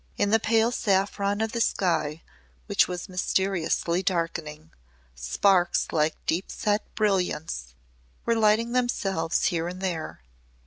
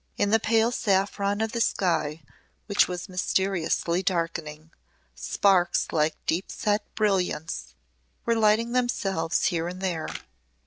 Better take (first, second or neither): first